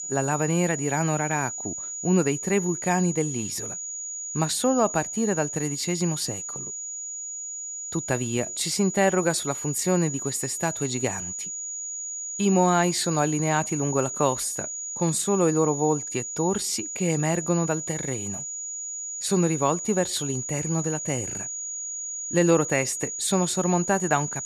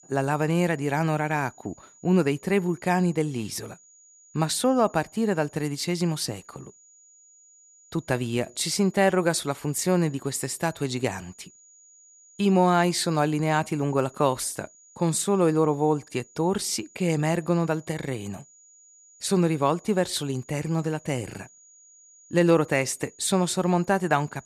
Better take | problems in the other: second | high-pitched whine; loud; throughout; 7 kHz, 5 dB below the speech; faint in the second

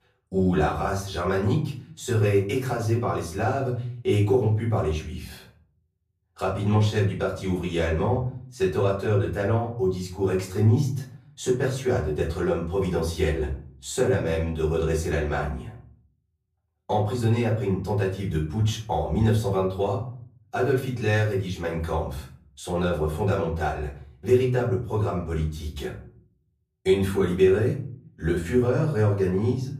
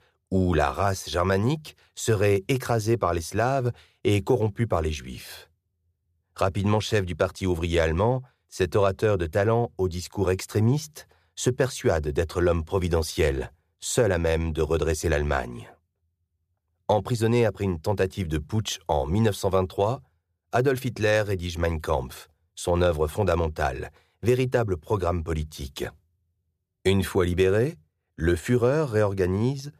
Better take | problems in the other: second | off-mic speech; far // room echo; slight; dies away in 0.5 s

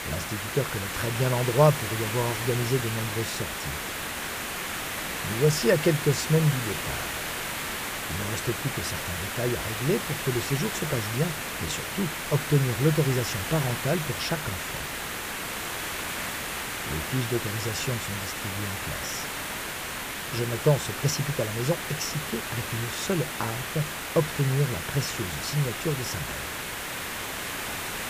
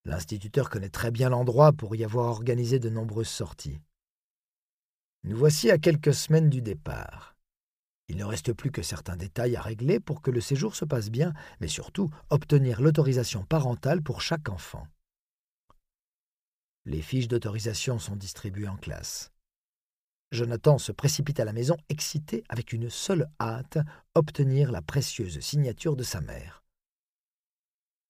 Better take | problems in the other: second | hiss; loud; throughout; 3 dB below the speech

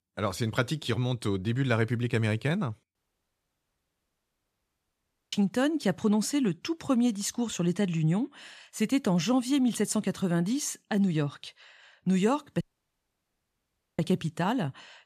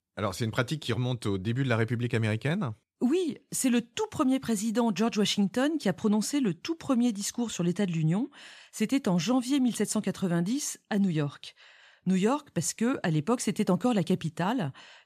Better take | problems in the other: second | audio cutting out; at 3 s for 2.5 s and at 13 s for 1.5 s

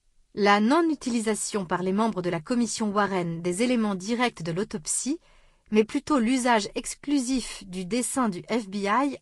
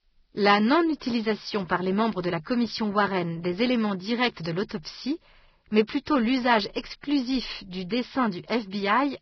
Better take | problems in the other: first | garbled, watery; badly; nothing above 5.5 kHz; slightly in the first

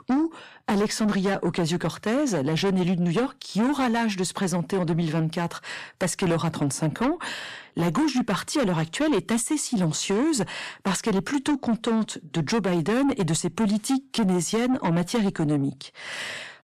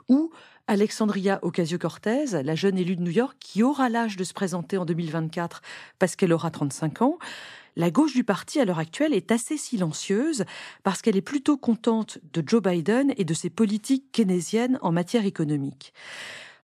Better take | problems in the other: second | distortion; heavy; 6 dB below the speech

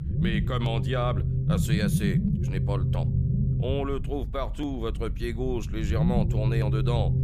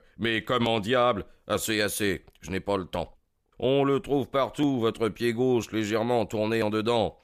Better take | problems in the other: second | low rumble; loud; throughout; 4 dB below the speech

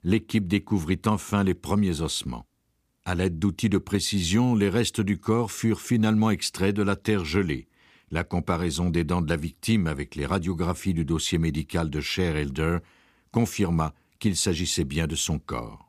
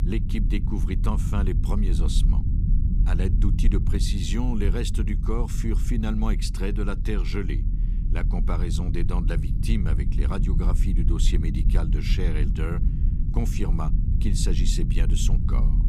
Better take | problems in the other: first | low rumble; loud; throughout; 6 dB below the speech

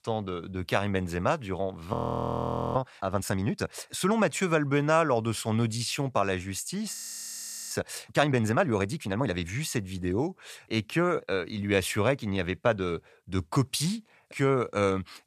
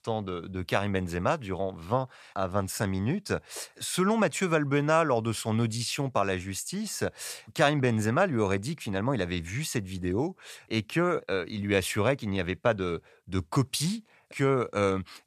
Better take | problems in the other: second | audio freezing; at 2 s for 1 s and at 7 s for 1 s

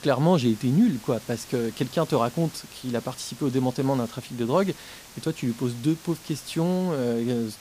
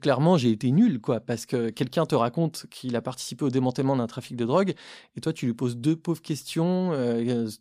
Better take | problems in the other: second | hiss; noticeable; throughout; 20 dB below the speech

